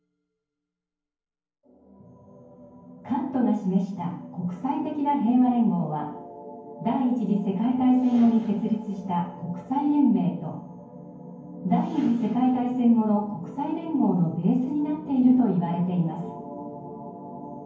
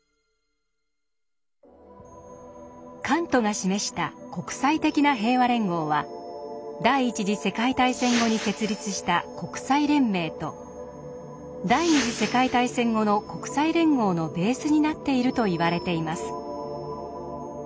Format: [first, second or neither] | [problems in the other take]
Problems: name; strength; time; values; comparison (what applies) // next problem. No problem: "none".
second | room echo; dies away in 0.9 s